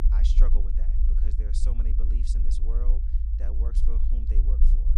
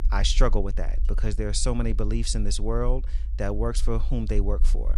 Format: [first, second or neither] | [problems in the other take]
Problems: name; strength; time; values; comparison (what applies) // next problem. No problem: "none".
second | low rumble; loud; throughout; 1 dB below the speech; faint in the second